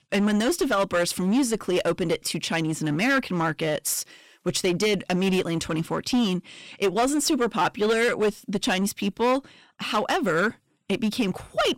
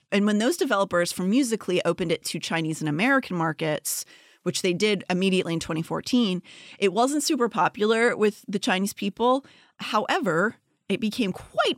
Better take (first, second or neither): second